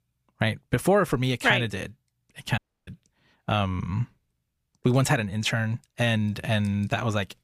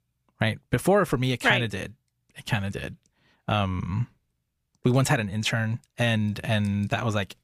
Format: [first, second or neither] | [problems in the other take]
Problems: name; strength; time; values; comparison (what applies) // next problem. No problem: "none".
second | audio cutting out; at 2.5 s